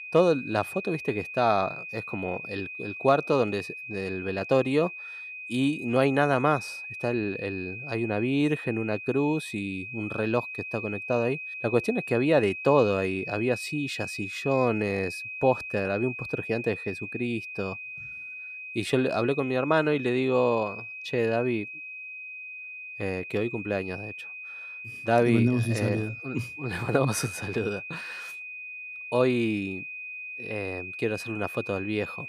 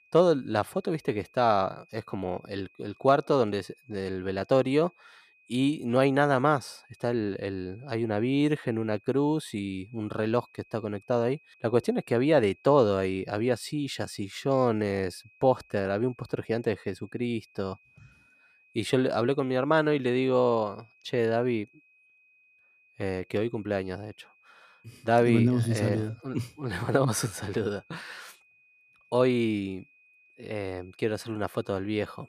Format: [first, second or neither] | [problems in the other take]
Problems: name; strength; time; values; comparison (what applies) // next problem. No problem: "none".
second | high-pitched whine; loud; throughout; 2.5 kHz, 9 dB below the speech; faint in the second